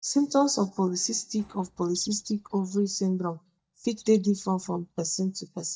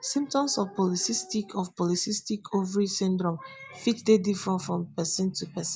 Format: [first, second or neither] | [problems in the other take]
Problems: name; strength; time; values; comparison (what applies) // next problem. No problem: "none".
second | noise reduction (neural mask model DeepFilterNet 3)